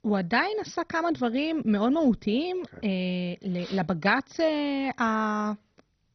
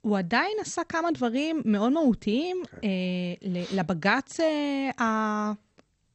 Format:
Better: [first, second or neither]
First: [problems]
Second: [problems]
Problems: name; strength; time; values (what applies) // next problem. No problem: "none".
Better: second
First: garbled, watery; badly; nothing above 6 kHz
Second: garbled, watery; slightly; nothing above 8 kHz